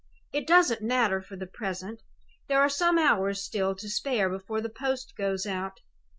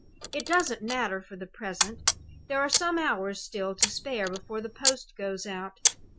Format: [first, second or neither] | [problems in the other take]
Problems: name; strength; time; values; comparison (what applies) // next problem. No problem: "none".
first | background sound (Camera); 1 dB below the speech